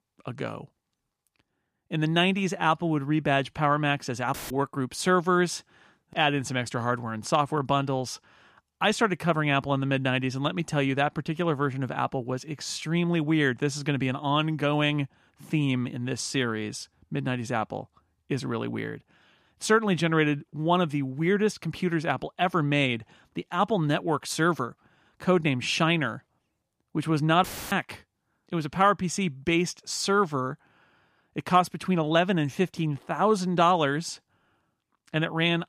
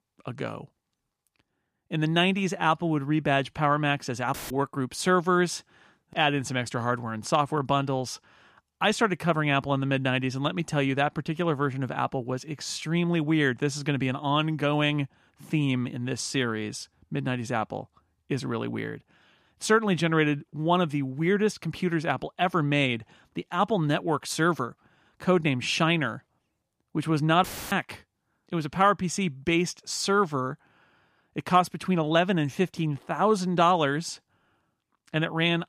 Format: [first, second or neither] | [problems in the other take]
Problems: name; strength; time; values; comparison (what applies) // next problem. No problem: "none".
neither | audio cutting out; filled with static; at 4.5 s and at 27 s; the same in both